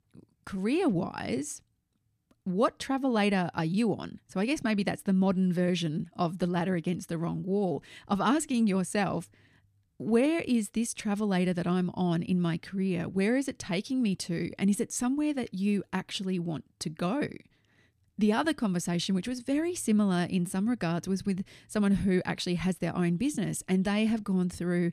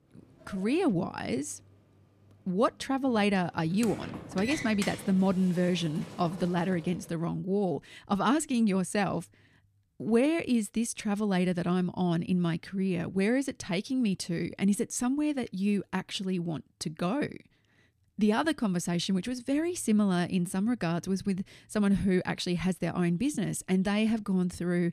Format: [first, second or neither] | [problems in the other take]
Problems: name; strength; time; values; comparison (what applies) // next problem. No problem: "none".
first | door banging; noticeable; until 7 s; peak 7 dB below the speech